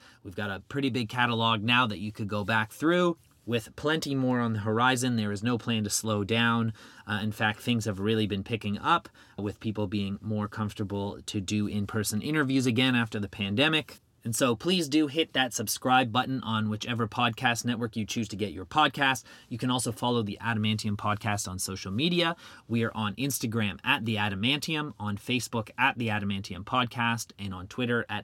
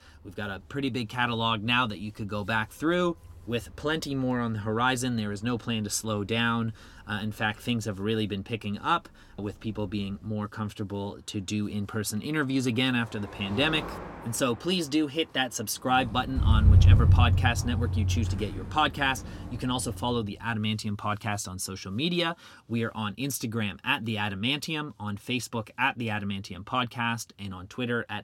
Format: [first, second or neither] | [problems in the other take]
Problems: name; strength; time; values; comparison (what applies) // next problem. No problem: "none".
first | traffic noise; very loud; until 20 s; 3 dB above the speech